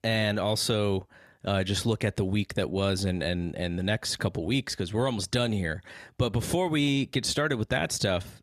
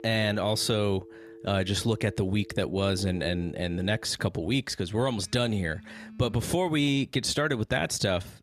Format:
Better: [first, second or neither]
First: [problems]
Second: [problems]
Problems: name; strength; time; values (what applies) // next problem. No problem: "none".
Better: first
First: none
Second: alarms or sirens; noticeable; throughout; 20 dB below the speech